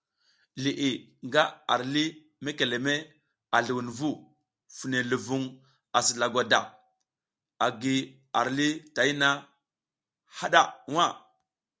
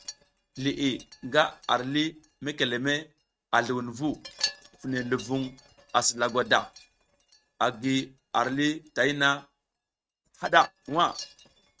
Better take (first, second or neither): first